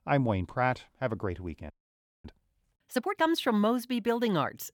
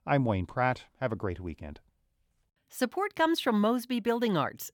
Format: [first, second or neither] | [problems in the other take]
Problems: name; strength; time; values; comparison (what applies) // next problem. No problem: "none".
second | audio freezing; at 1.5 s for 0.5 s